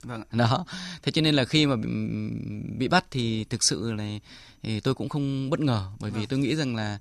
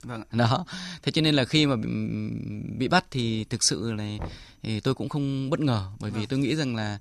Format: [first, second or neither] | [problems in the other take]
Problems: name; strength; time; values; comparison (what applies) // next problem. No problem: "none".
first | door banging; faint; at 4 s; peak 15 dB below the speech